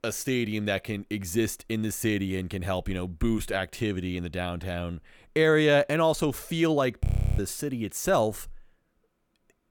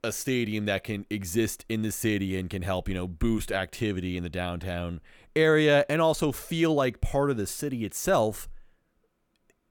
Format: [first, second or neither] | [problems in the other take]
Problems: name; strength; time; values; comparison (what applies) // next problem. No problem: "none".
second | audio freezing; at 7 s